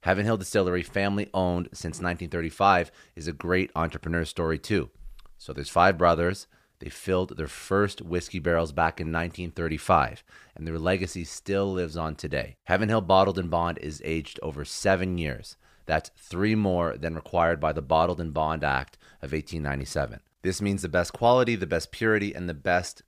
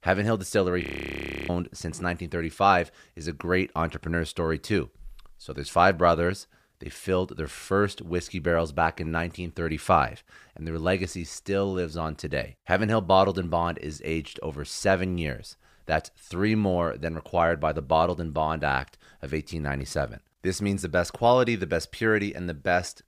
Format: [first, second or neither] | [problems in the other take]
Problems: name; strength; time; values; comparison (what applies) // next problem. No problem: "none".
first | audio freezing; at 1 s for 0.5 s